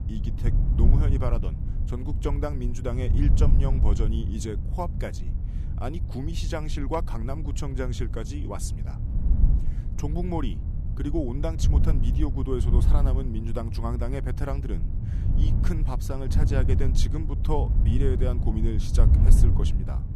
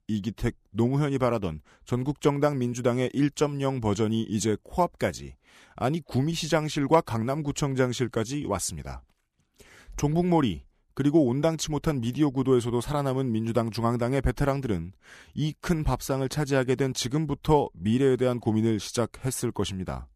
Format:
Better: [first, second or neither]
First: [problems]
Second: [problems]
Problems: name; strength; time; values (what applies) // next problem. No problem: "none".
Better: second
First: wind noise on the microphone; heavy; 6 dB below the speech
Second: none